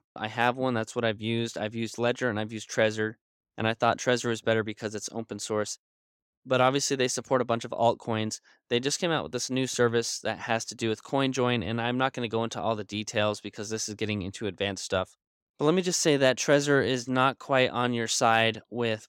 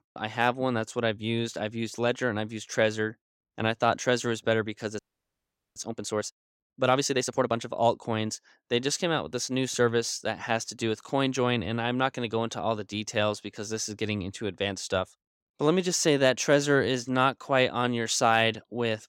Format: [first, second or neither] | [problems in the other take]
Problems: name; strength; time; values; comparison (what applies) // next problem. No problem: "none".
first | audio freezing; at 5 s for 1 s